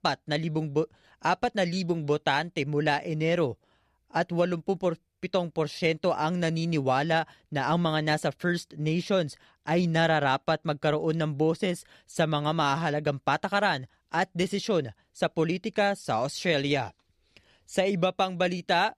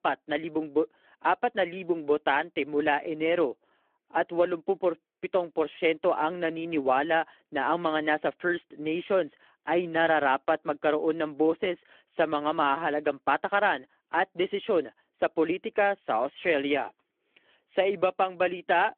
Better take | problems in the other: first | phone-call audio

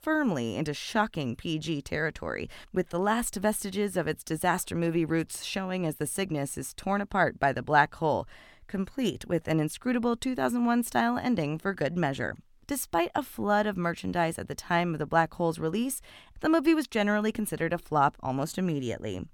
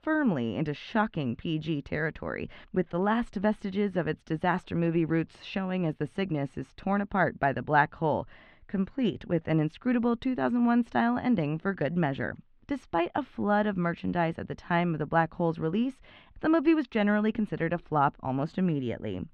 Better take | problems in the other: first | muffled; slightly; fading above 3 kHz

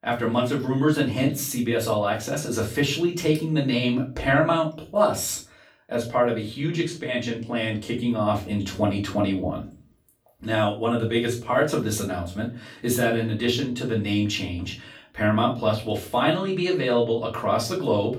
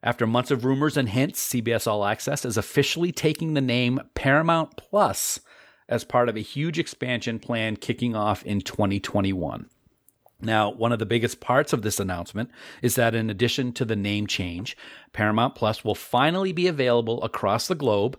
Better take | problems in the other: second | off-mic speech; far // room echo; slight; dies away in 0.3 s

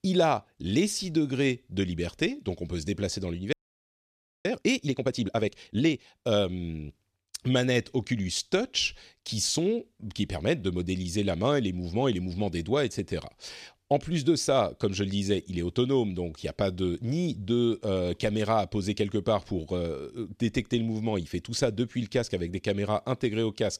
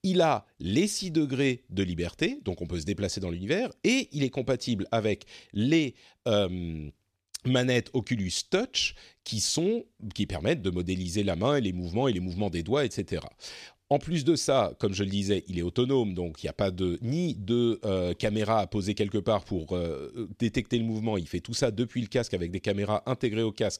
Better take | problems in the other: second | audio freezing; at 3.5 s for 1 s

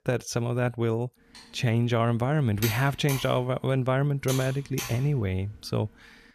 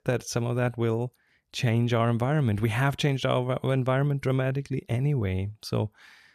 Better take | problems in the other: second | keyboard typing; noticeable; from 1.5 to 5.5 s; peak 6 dB below the speech

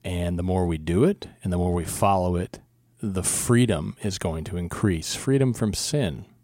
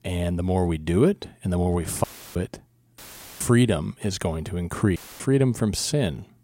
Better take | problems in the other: first | audio cutting out; filled with static; at 2 s, at 3 s and at 5 s

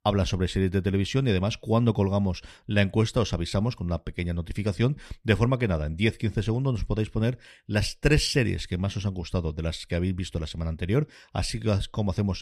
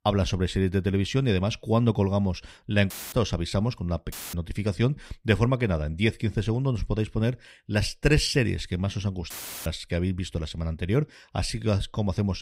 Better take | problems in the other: first | audio cutting out; filled with static; at 3 s, at 4 s and at 9.5 s

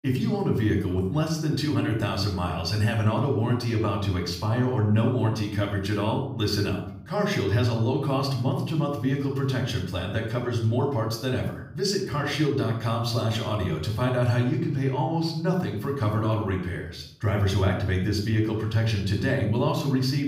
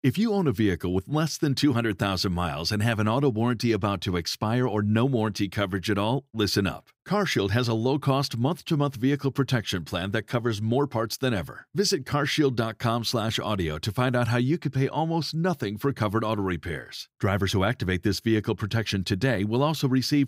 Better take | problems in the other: second | off-mic speech; somewhat distant // room echo; noticeable; dies away in 0.6 s

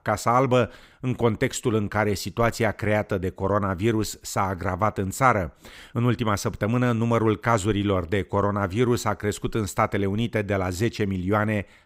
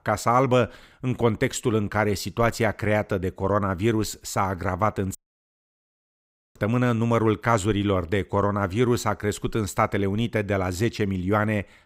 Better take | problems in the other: first | audio cutting out; at 5 s for 1.5 s

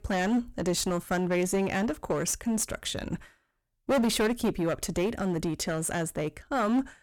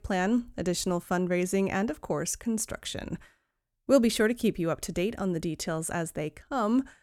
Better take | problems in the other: second | distortion; heavy; 11% of the sound clipped

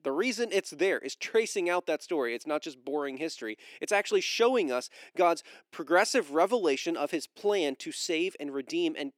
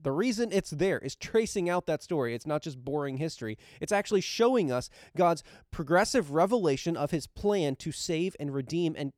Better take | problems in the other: second | thin; very slightly; fading below 300 Hz

